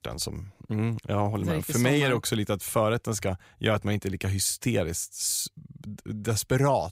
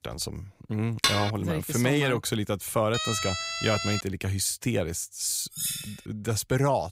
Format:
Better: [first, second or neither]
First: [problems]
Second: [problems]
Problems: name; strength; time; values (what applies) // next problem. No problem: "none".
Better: first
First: none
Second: clattering dishes; loud; at 1 s; peak 3 dB above the speech // siren; noticeable; from 3 to 4 s; peak 1 dB below the speech // clattering dishes; noticeable; at 5.5 s; peak 2 dB below the speech